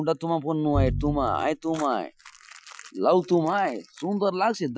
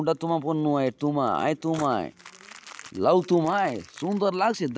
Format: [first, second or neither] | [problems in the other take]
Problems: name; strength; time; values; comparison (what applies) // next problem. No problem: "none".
second | noise reduction (classical method Wiener filter)